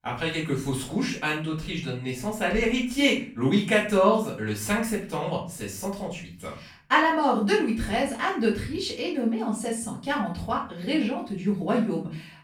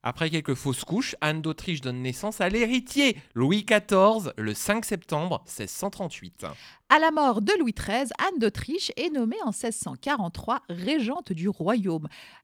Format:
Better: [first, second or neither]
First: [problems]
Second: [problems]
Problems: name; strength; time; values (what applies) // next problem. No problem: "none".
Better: second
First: room echo; slight; dies away in 0.4 s // off-mic speech; far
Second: none